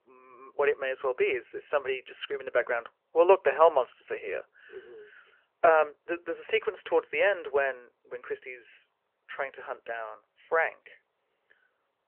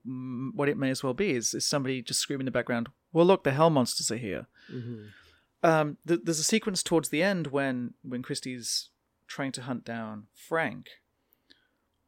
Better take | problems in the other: second | phone-call audio; nothing above 3 kHz

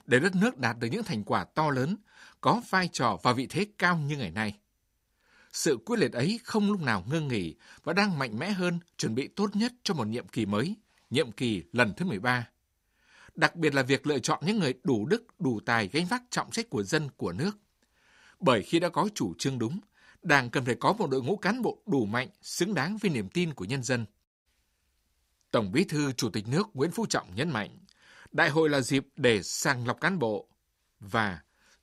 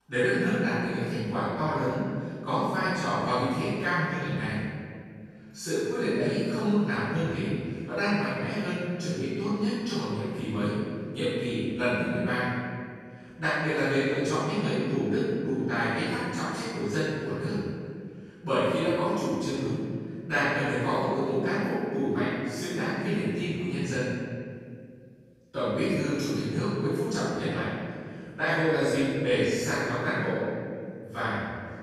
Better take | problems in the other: first | off-mic speech; far // room echo; strong; dies away in 2.1 s

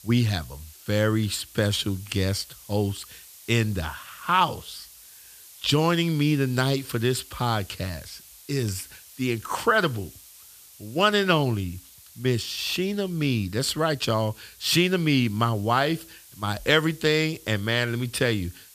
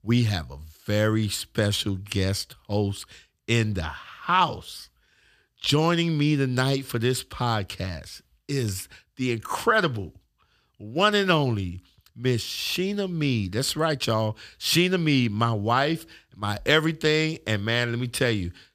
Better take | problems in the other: second | hiss; faint; throughout; 20 dB below the speech

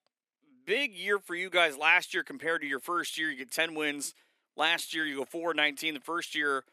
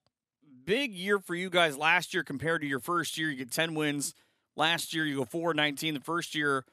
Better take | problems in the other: second | thin; very slightly; fading below 400 Hz

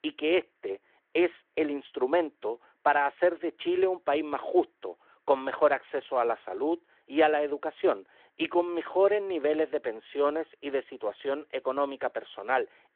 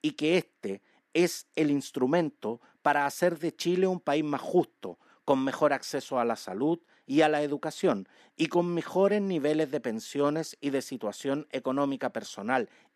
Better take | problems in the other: second | phone-call audio

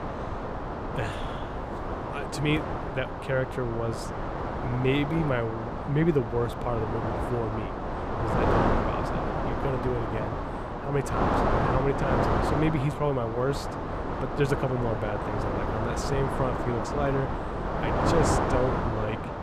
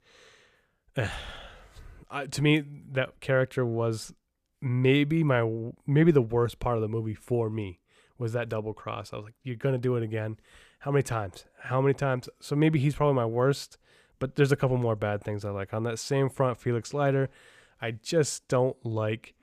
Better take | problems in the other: second | wind noise on the microphone; heavy; 2 dB above the speech

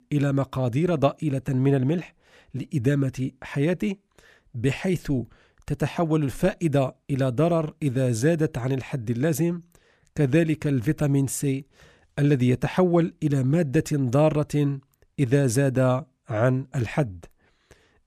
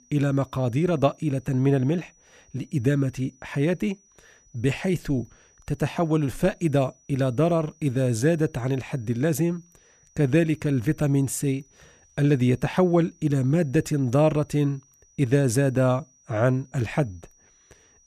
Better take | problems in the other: first | high-pitched whine; faint; throughout; 6 kHz, 35 dB below the speech

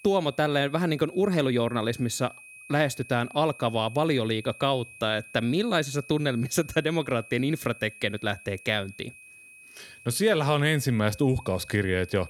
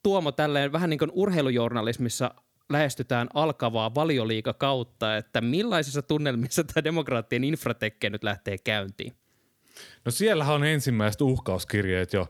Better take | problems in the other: second | high-pitched whine; noticeable; throughout; 2.5 kHz, 20 dB below the speech

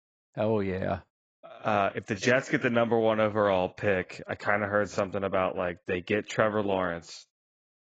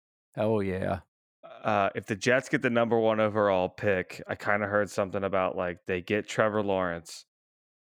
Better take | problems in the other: second | garbled, watery; badly; nothing above 7.5 kHz

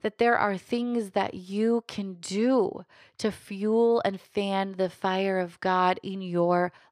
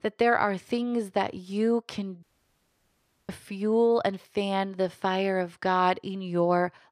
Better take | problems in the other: first | audio cutting out; at 2 s for 1 s

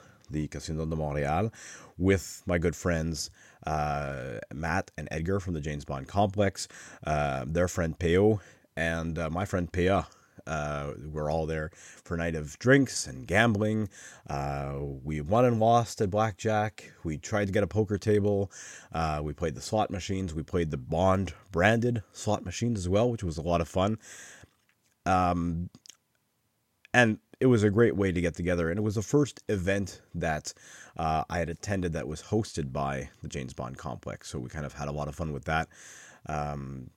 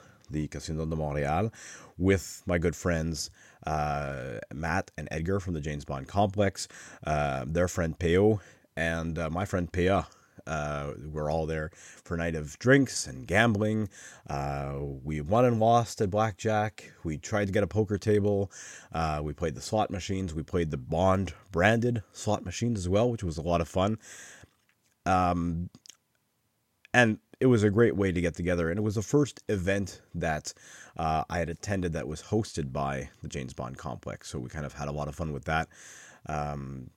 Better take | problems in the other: neither | none

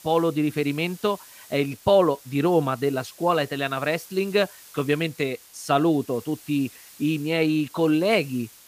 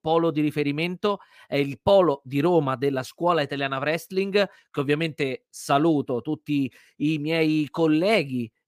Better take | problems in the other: second | hiss; faint; throughout; 20 dB below the speech

